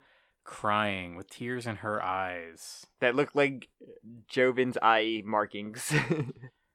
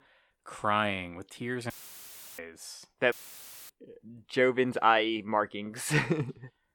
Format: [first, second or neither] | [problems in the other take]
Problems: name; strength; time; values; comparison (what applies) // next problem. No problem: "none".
first | audio cutting out; filled with static; at 1.5 s for 0.5 s and at 3 s for 0.5 s